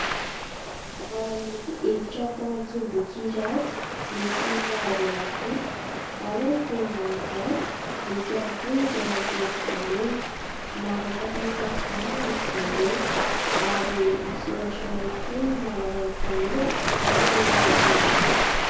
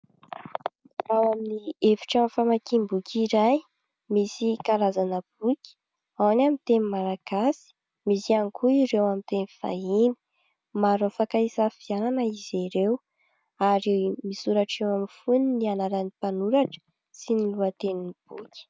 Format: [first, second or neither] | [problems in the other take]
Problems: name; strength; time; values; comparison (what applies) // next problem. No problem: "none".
second | background sound (Waves, surf); 2 dB above the speech // room echo; dies away in 0.6 s